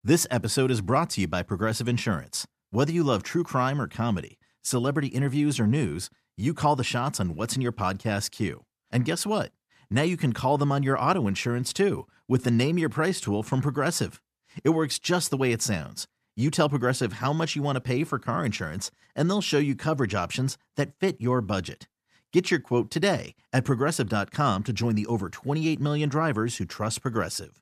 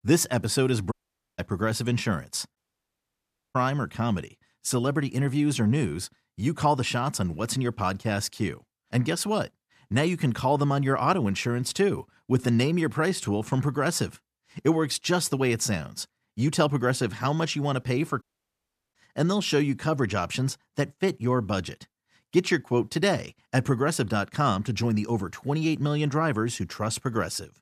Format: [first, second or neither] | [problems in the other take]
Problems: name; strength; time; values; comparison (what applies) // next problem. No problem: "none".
first | audio cutting out; at 1 s, at 2.5 s for 1 s and at 18 s for 0.5 s